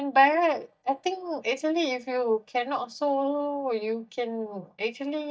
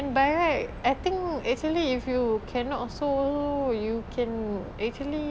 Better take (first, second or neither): second